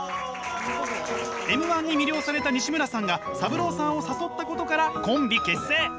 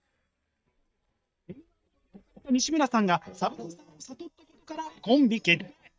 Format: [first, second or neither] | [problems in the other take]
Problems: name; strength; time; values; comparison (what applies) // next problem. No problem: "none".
first | noise reduction (neural mask model DeepFilterNet 3)